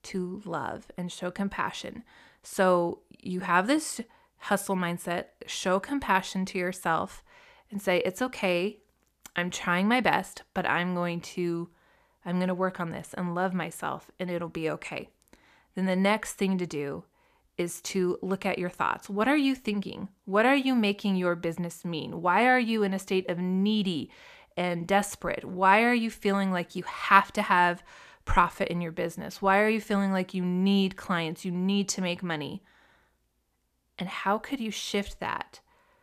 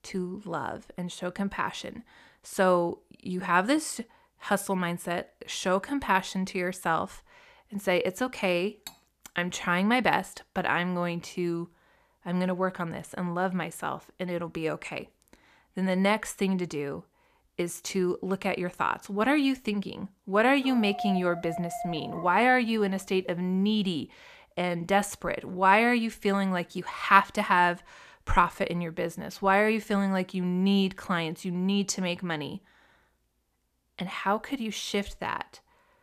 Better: first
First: none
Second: clattering dishes; faint; at 9 s; peak 20 dB below the speech // dog barking; noticeable; from 21 to 23 s; peak 6 dB below the speech

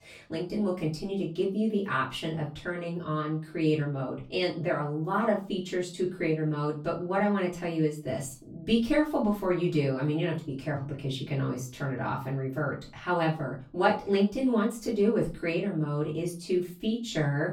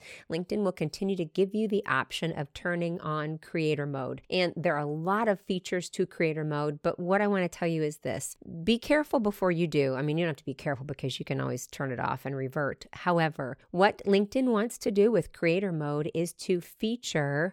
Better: second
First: off-mic speech; far // room echo; slight; dies away in 0.3 s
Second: none

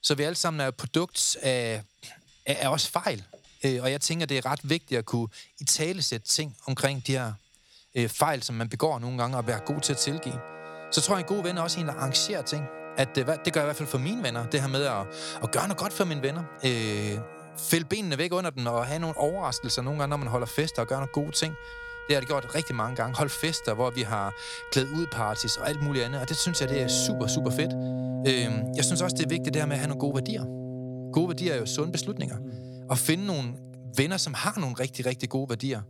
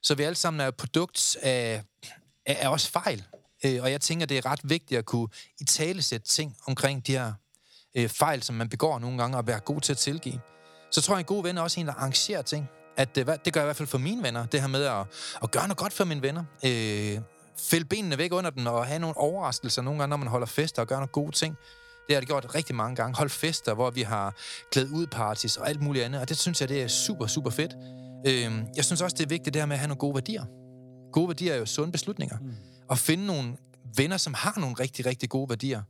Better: second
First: background music; loud; throughout; 10 dB below the speech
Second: background music; faint; throughout; 25 dB below the speech

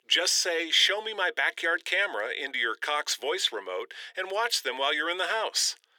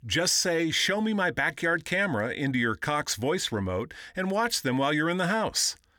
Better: second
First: thin; very; fading below 400 Hz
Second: none

